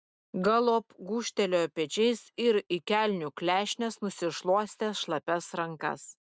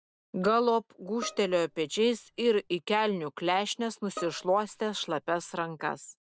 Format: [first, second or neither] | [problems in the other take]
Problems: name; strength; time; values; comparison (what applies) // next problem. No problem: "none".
first | background sound (Bowed string instrument); 18 dB below the speech